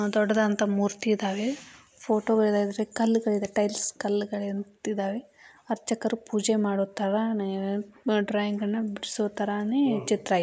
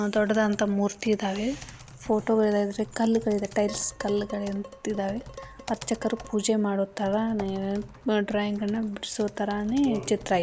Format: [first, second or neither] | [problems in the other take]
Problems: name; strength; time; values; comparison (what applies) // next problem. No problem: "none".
first | background sound (Dishes, pots, and pans + Typing); 18 dB below the speech